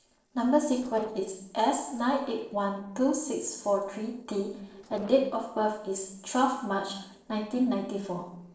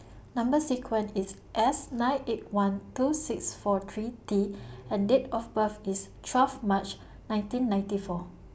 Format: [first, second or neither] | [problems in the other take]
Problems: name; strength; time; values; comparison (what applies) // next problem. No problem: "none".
second | noise reduction (neural separator model SepFormer DNS4)